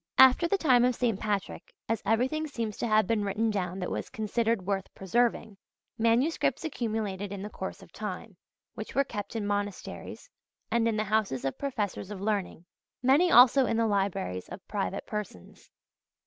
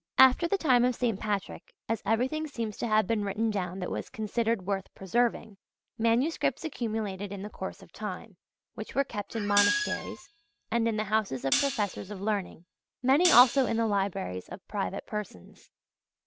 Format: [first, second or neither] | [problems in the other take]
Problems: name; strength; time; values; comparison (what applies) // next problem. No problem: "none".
first | background sound (Squeak + Hi-hat); 6 dB below the speech